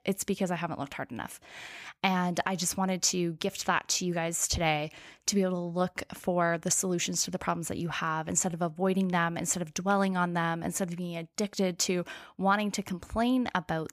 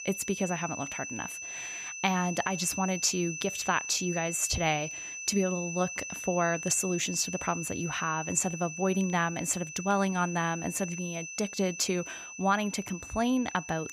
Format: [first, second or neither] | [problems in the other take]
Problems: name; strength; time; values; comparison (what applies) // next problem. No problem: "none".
first | high-pitched whine; loud; throughout; 2.5 kHz, 7 dB below the speech